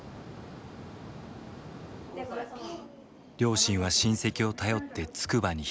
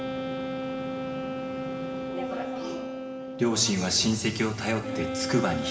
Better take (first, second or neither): first